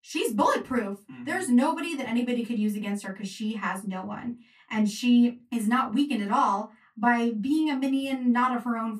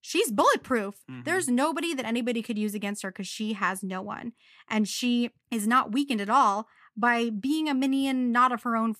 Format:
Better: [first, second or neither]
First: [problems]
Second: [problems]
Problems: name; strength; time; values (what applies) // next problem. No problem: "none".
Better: second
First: off-mic speech; far // room echo; very slight; dies away in 0.2 s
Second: none